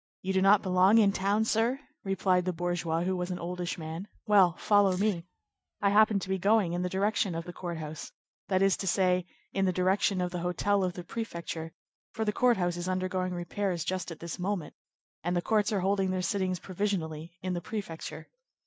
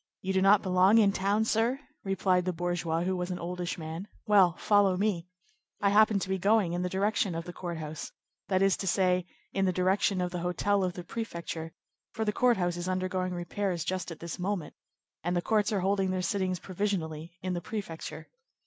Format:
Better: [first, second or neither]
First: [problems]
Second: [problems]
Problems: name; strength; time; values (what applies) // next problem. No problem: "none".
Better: second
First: noise reduction (neural mask model DeepFilterNet 3)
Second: none